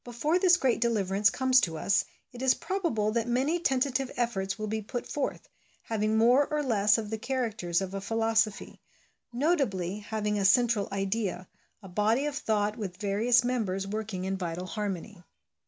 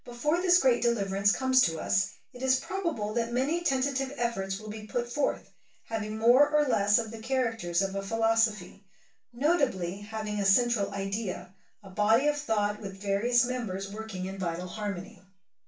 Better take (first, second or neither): first